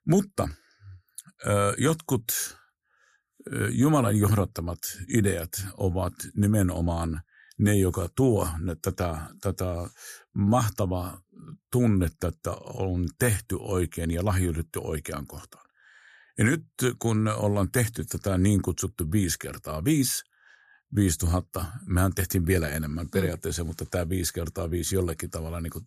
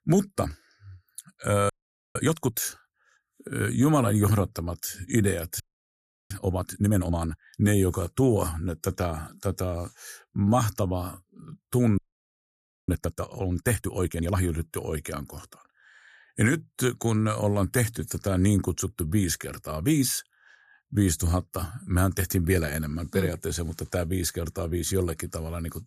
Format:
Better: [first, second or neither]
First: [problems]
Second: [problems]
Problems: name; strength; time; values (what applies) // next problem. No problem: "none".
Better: first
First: none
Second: audio freezing; at 1.5 s, at 5.5 s for 0.5 s and at 12 s for 1 s